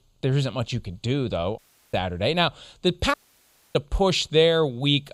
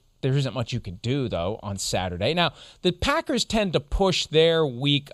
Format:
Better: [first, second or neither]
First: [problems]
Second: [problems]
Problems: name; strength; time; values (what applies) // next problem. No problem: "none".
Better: second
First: audio cutting out; at 1.5 s and at 3 s for 0.5 s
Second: none